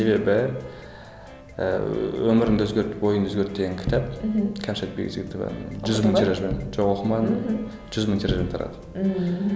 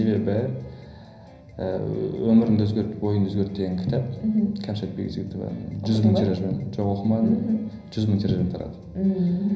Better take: first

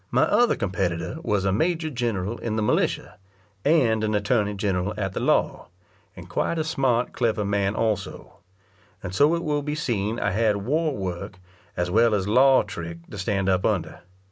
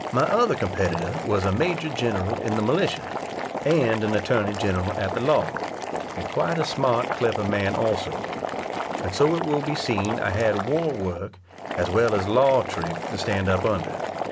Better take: first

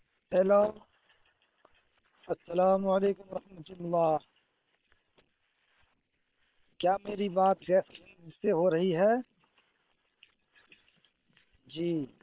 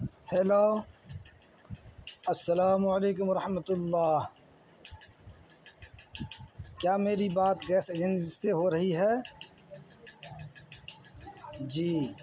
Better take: second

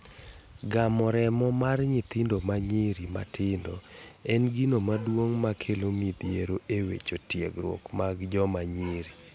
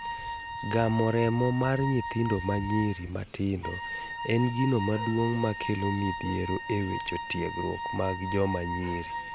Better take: first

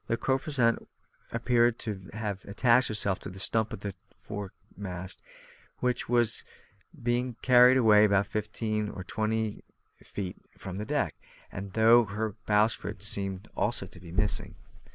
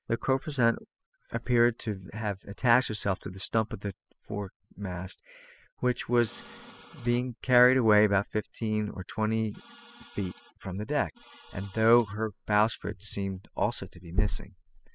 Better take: first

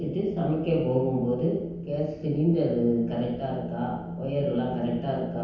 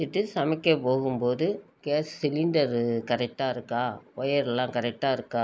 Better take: second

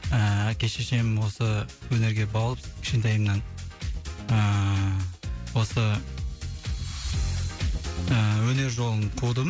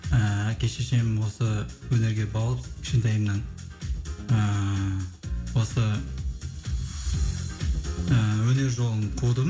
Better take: first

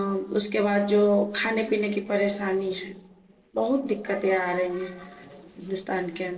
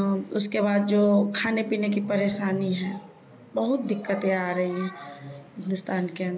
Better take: second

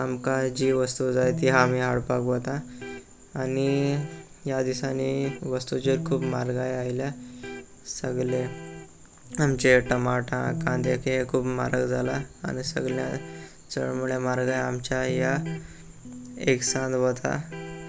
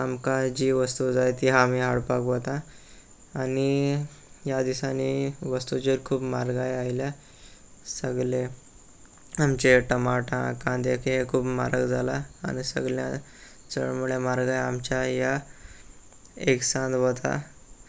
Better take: second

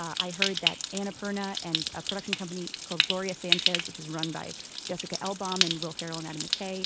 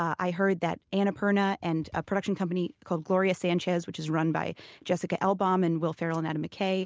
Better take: second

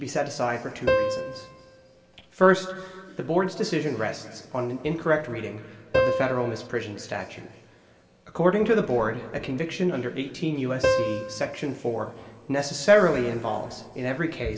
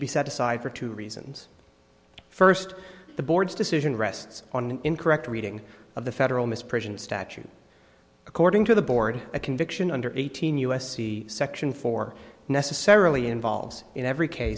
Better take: second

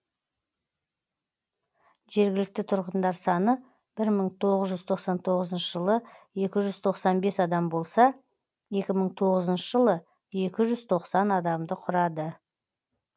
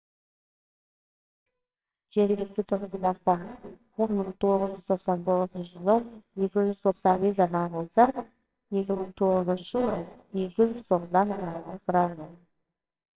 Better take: first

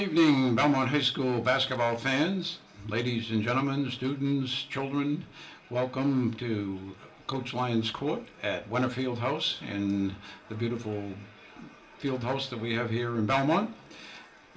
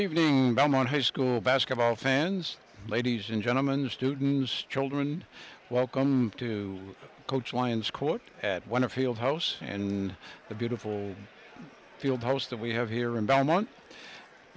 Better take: second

